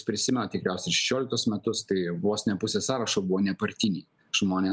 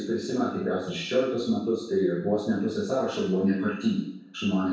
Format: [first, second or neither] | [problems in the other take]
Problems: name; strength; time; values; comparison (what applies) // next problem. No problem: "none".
first | room echo; dies away in 0.7 s